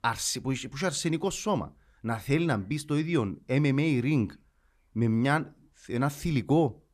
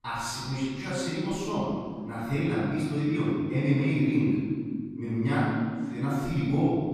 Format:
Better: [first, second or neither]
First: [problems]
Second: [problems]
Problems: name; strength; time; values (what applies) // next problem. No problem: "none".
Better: first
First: none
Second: off-mic speech; far // room echo; strong; dies away in 2 s